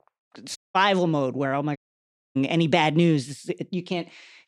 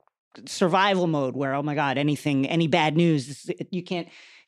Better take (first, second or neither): second